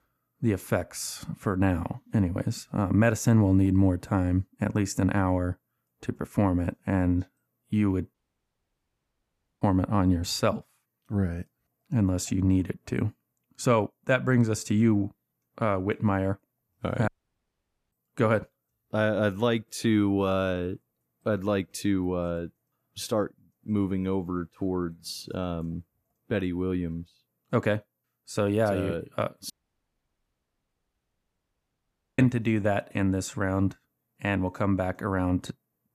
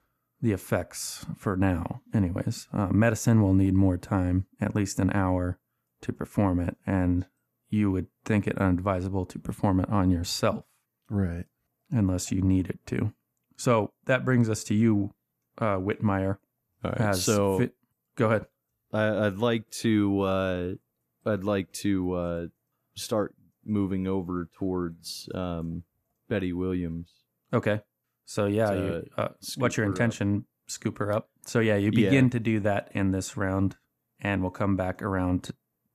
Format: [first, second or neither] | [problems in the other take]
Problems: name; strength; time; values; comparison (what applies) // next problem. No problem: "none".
second | audio cutting out; at 8 s for 1.5 s, at 17 s for 1 s and at 30 s for 2.5 s